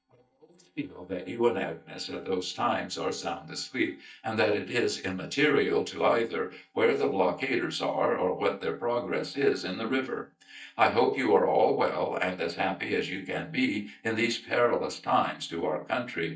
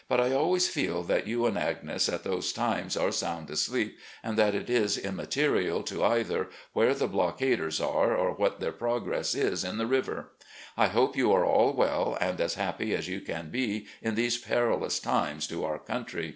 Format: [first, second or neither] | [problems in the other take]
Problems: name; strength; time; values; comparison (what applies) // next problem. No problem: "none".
second | noise reduction (neural mask model DeepFilterNet 3)